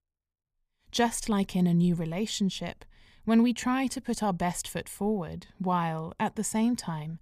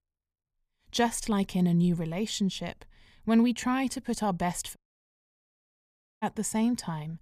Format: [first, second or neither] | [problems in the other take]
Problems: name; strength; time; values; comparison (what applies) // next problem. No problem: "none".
first | audio cutting out; at 5 s for 1.5 s